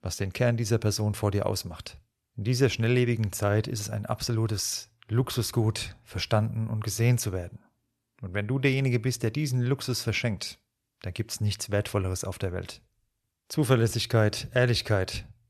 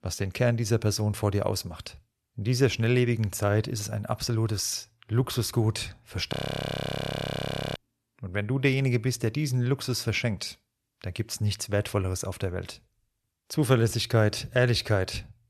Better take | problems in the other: first | audio freezing; at 6.5 s for 1.5 s

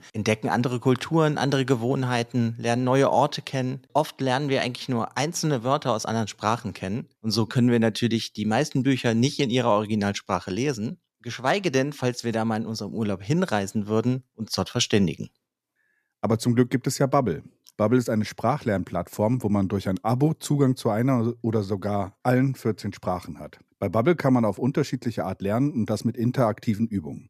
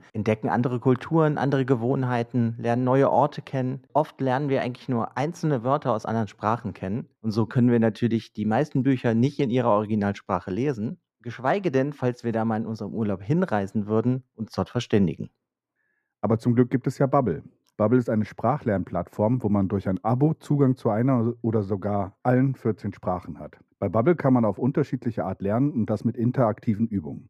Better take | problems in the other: first | muffled; slightly; fading above 2.5 kHz

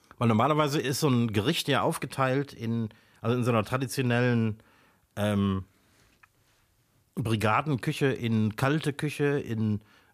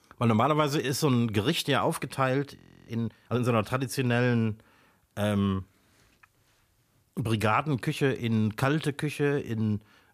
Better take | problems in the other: first | audio freezing; at 2.5 s

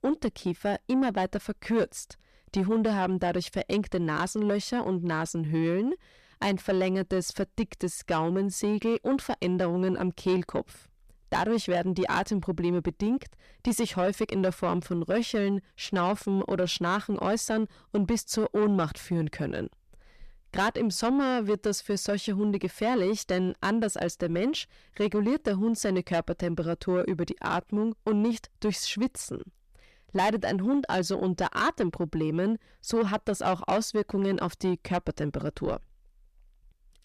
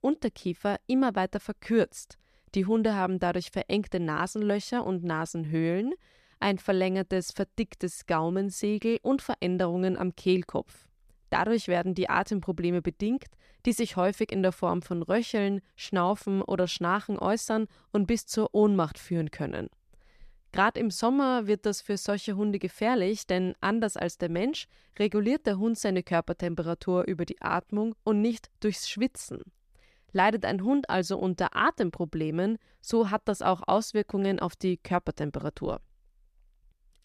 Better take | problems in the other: second | distortion; slight; 10 dB below the speech

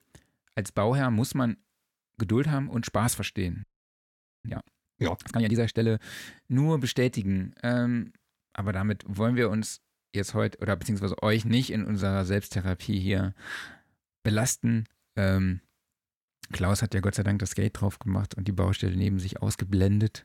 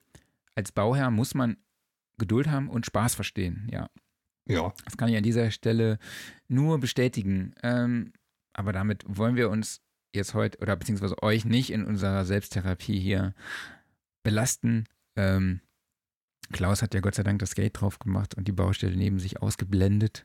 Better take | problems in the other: second | audio freezing; at 3.5 s for 1 s

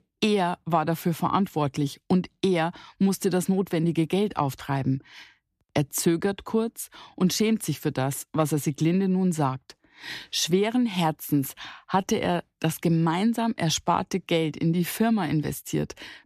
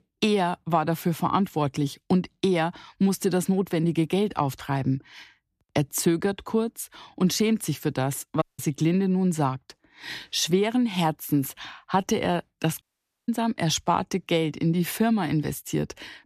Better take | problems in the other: first | audio cutting out; at 8.5 s and at 13 s

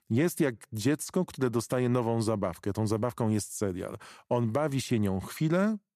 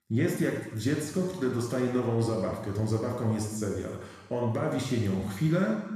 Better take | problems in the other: first | room echo; noticeable; dies away in 1.1 s // off-mic speech; somewhat distant

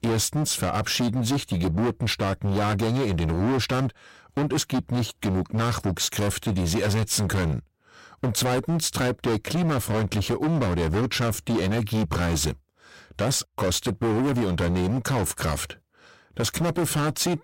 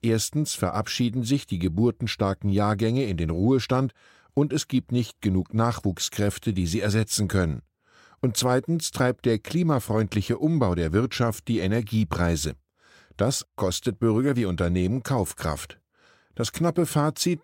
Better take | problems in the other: second | distortion; heavy; 27% of the sound clipped

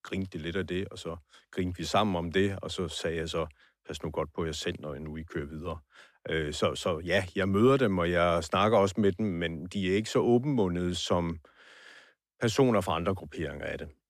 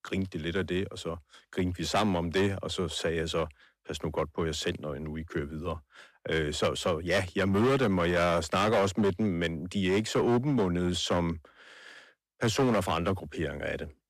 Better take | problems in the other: first | distortion; slight; 6% of the sound clipped

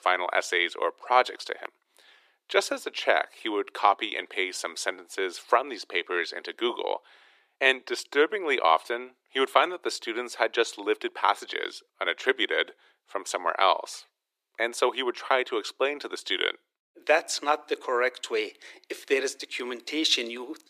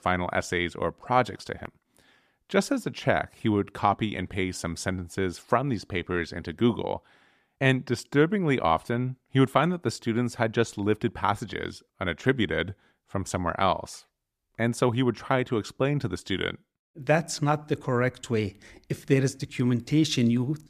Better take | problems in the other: second | thin; very; fading below 350 Hz

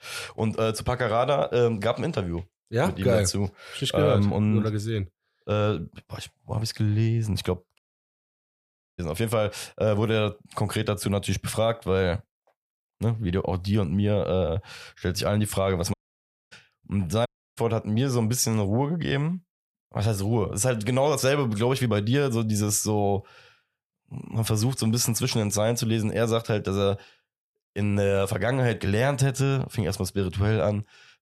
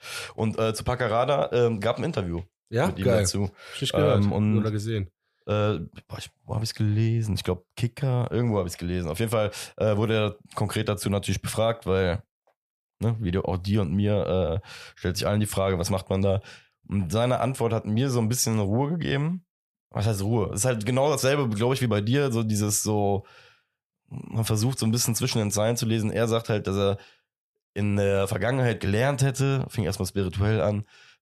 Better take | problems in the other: second | audio cutting out; at 8 s for 1 s, at 16 s for 0.5 s and at 17 s

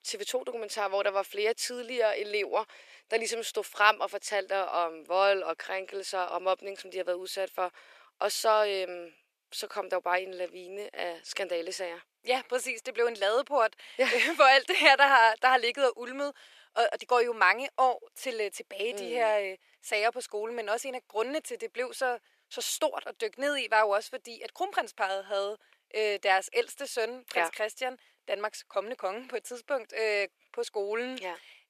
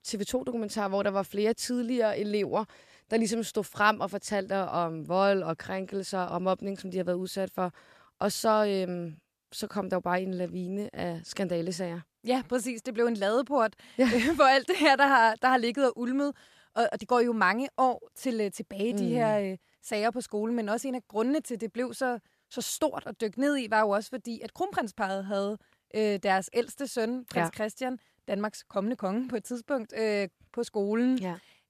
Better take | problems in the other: second | thin; very; fading below 400 Hz

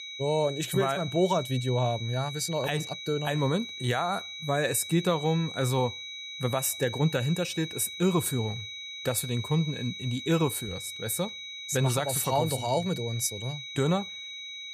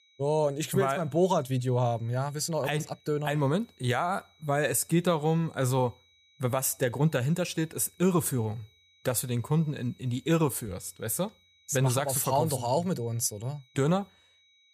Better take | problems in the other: second | high-pitched whine; loud; throughout; 4 kHz, 9 dB below the speech; faint in the second

